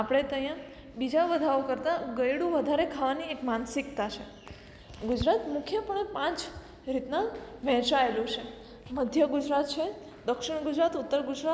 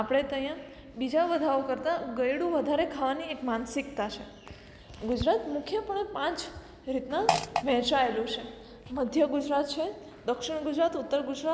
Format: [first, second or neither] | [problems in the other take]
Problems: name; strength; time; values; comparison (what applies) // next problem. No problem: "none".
first | background sound (Fart); 1 dB below the speech